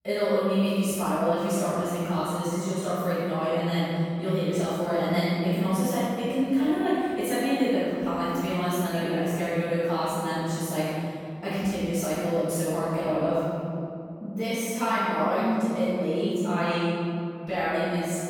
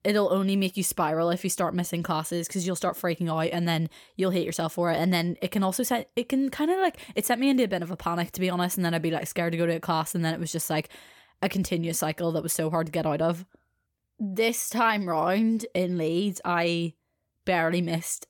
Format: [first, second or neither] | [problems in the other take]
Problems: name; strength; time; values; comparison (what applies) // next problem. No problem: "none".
second | off-mic speech; far // room echo; strong; dies away in 2.5 s